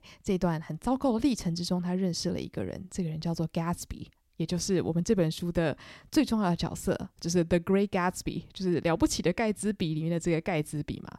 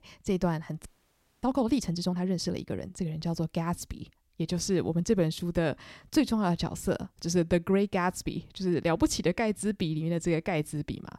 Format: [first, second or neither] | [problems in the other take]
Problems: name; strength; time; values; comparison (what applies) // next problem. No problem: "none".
first | audio freezing; at 1 s for 0.5 s